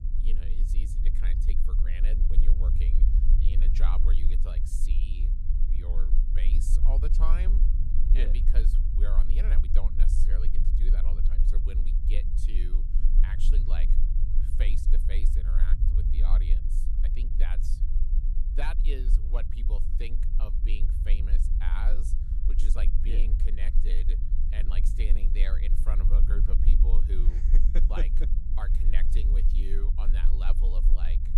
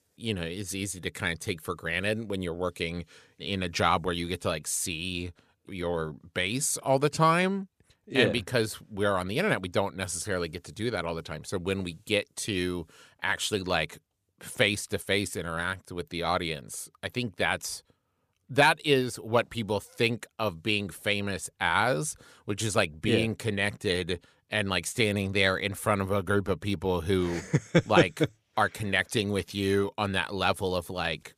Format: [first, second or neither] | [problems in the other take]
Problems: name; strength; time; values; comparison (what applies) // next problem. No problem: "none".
second | low rumble; loud; throughout; 5 dB below the speech